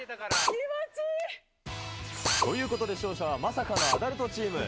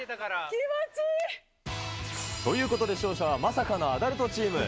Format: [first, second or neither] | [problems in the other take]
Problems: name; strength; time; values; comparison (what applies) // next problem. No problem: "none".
second | background sound (Drill); 1 dB above the speech